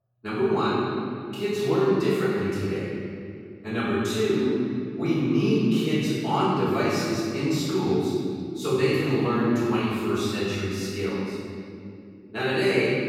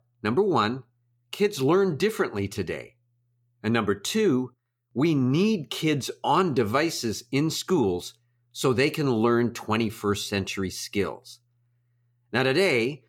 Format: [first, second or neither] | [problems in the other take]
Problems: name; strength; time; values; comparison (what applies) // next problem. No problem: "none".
second | off-mic speech; far // room echo; strong; dies away in 2.4 s